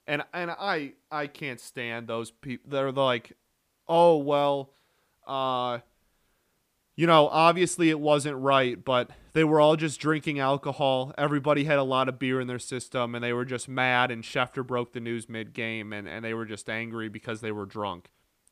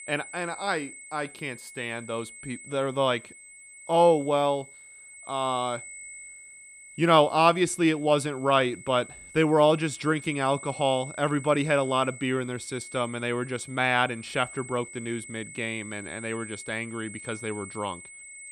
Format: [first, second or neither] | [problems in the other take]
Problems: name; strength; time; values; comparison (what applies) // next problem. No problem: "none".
first | high-pitched whine; noticeable; throughout; 2 kHz, 15 dB below the speech